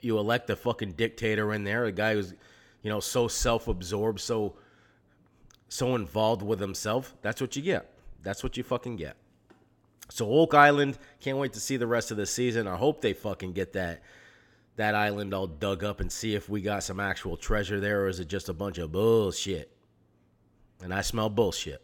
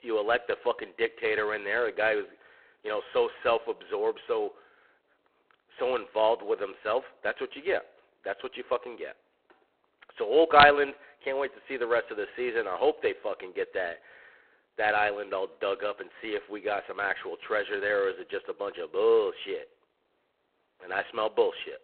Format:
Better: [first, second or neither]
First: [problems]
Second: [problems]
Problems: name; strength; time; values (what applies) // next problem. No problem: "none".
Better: first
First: none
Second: phone-call audio; poor line; nothing above 4 kHz